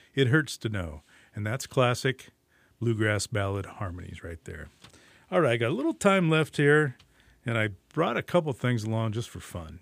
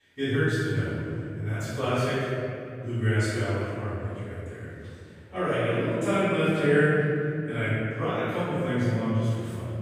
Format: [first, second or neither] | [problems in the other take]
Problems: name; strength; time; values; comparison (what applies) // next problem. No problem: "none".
first | off-mic speech; far // room echo; strong; dies away in 2.7 s